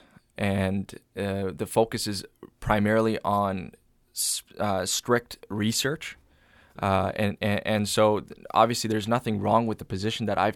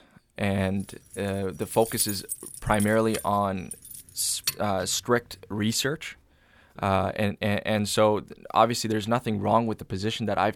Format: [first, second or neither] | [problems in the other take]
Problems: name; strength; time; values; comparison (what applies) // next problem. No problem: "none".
first | jangling keys; noticeable; from 1 to 4.5 s; peak 2 dB below the speech